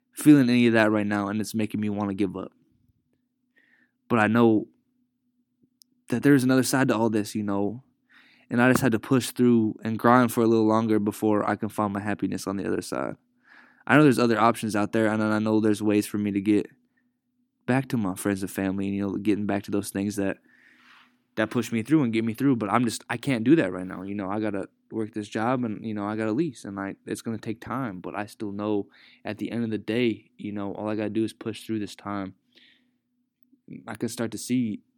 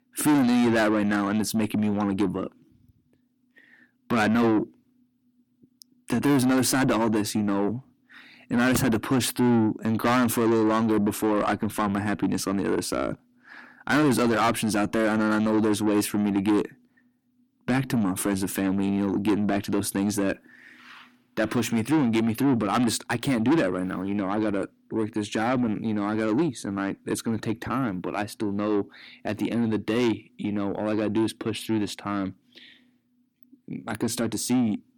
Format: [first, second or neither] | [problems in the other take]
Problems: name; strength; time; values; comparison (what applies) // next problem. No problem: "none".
first | distortion; heavy; 6 dB below the speech